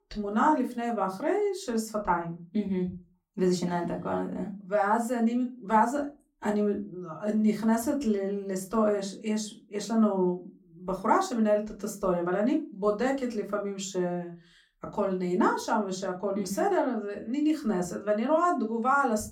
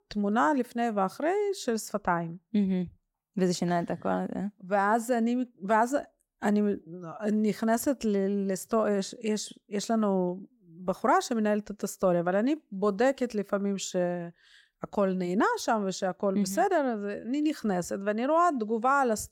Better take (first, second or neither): second